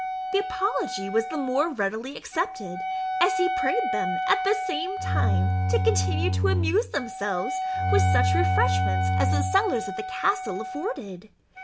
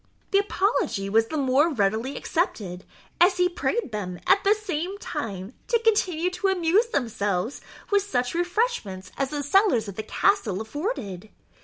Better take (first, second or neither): second